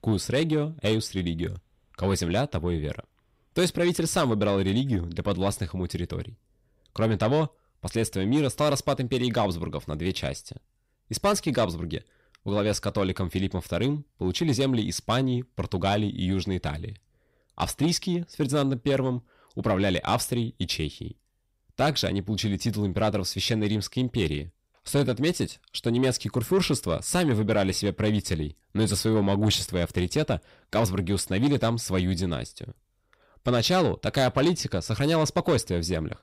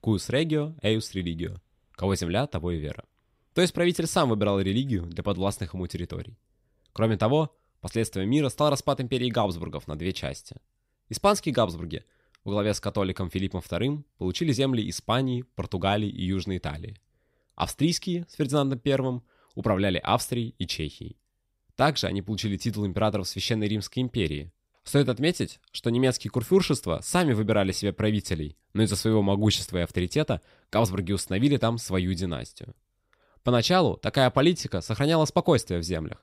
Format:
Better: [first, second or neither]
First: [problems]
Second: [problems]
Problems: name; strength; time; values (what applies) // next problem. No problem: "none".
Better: second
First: distortion; slight; 10 dB below the speech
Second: none